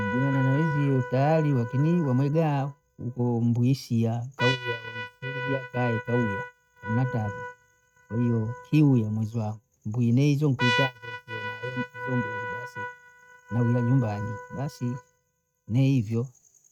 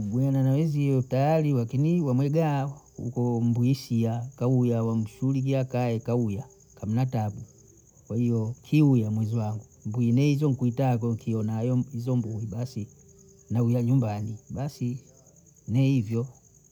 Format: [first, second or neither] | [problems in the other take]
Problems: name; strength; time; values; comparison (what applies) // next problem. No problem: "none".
second | noise reduction (neural mask model RNNoise)